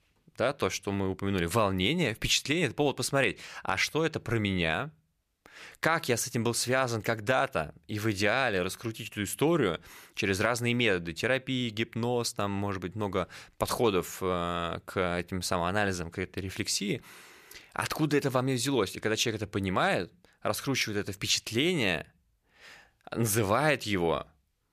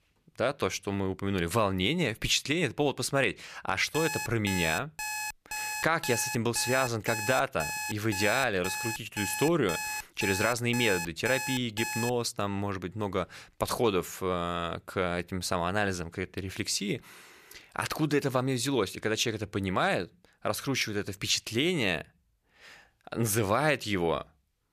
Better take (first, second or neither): first